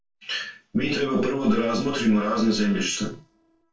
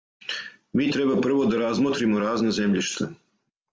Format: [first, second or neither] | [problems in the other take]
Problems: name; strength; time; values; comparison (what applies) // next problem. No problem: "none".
second | noise reduction (neural separator model SepFormer DNS4)